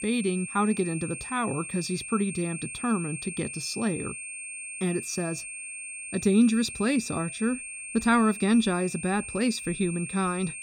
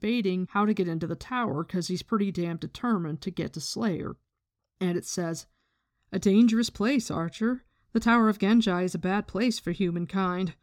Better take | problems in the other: second | high-pitched whine; loud; throughout; 8.5 kHz, 8 dB below the speech

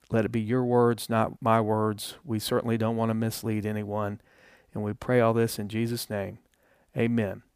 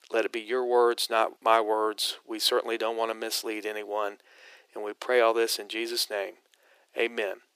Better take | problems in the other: first | thin; very; fading below 350 Hz

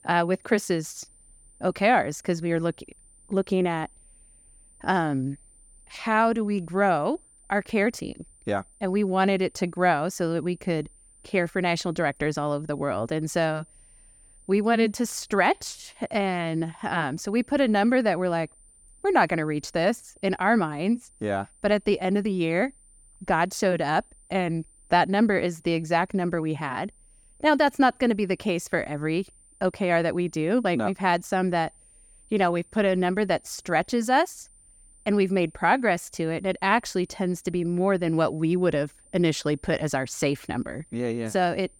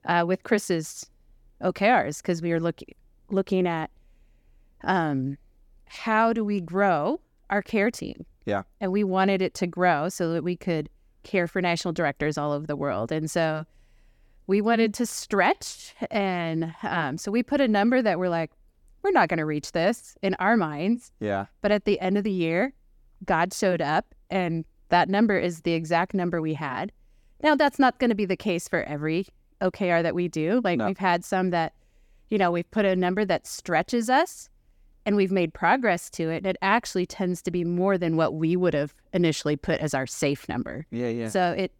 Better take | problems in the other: second | high-pitched whine; faint; throughout; 9 kHz, 30 dB below the speech

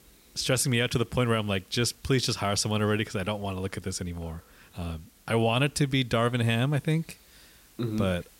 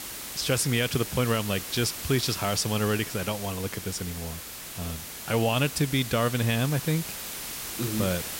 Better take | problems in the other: first | hiss; loud; throughout; 7 dB below the speech; faint in the first

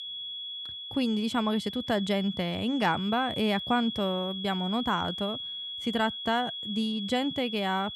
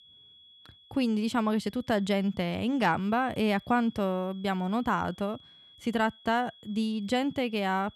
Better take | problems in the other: second | high-pitched whine; loud; throughout; 3.5 kHz, 6 dB below the speech; faint in the second

